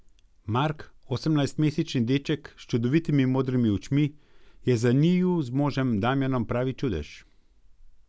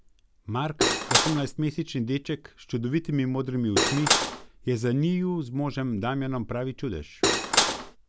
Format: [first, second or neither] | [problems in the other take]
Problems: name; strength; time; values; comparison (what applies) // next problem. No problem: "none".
first | background sound (Cutlery, silverware / Dishes, pots, and pans); 5 dB above the speech